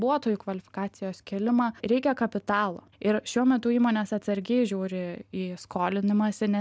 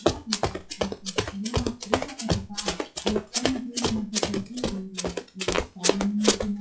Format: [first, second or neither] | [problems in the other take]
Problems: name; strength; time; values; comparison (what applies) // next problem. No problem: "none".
first | noise reduction (classical method WPE with log-MMSE)